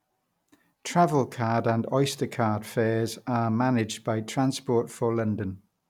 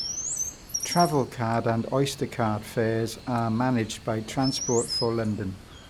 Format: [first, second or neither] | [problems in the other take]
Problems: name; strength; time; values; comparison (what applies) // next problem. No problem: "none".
first | background sound (Chirp, tweet); 9 dB below the speech